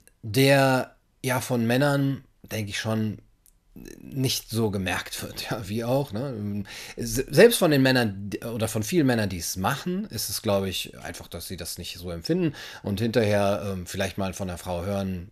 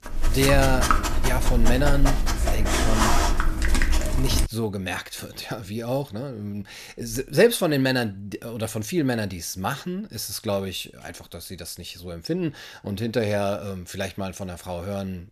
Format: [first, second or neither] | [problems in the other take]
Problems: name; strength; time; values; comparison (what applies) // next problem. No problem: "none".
first | dog barking; loud; until 4.5 s; peak 5 dB above the speech